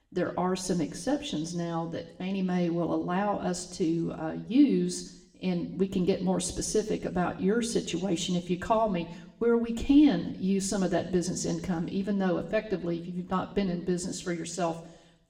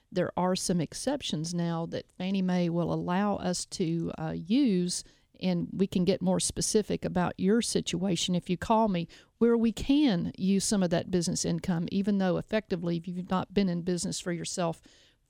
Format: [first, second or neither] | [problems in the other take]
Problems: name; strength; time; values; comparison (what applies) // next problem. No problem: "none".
second | room echo; very slight; dies away in 0.7 s